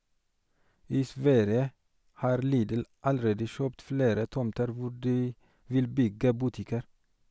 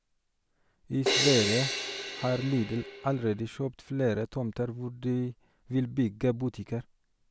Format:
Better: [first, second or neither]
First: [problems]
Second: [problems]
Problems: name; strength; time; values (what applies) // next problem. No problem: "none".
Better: first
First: none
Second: background sound (Crash cymbal); 1 dB below the speech